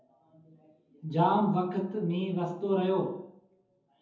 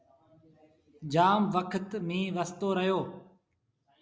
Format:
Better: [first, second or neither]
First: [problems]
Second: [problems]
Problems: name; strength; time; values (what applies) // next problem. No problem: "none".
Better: second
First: room echo; dies away in 0.5 s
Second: none